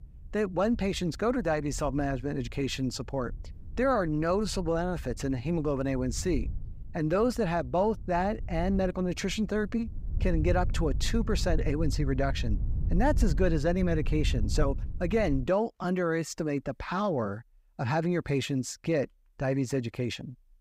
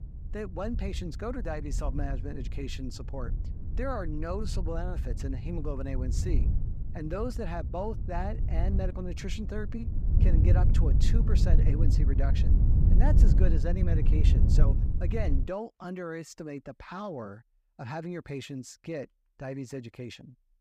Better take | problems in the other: first | wind noise on the microphone; heavy; until 15 s; 5 dB below the speech; occasional gusts in the first

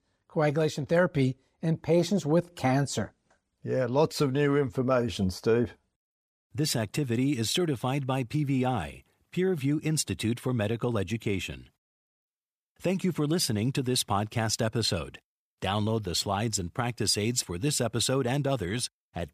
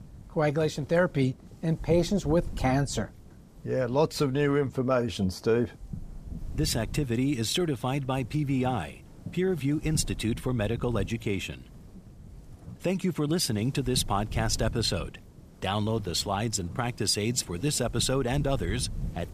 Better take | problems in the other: first | wind noise on the microphone; occasional gusts; 20 dB below the speech

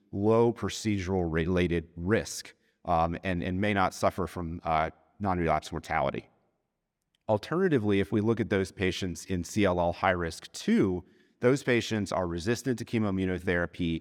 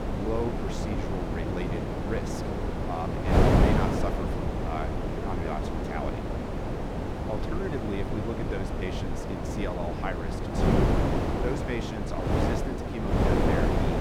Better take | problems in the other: first | wind noise on the microphone; heavy; 5 dB above the speech

